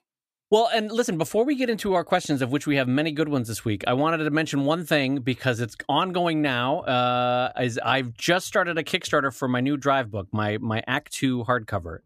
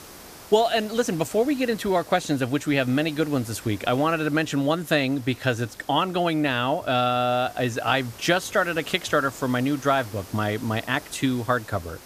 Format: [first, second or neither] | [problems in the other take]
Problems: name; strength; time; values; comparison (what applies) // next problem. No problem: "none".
first | hiss; noticeable; throughout; 20 dB below the speech